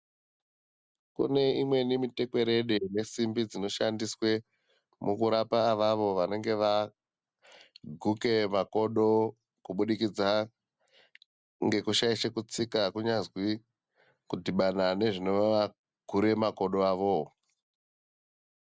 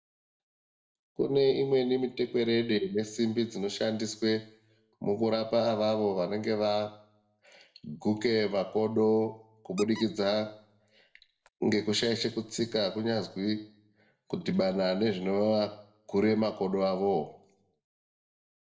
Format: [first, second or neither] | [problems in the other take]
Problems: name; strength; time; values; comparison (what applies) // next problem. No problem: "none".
first | background sound (Squeak); 20 dB below the speech // room echo; dies away in 0.5 s